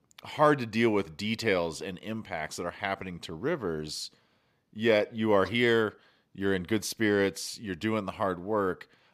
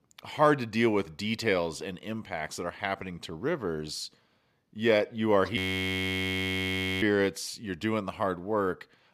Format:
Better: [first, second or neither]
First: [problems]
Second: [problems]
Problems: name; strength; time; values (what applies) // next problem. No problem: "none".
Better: first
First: none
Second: audio freezing; at 5.5 s for 1.5 s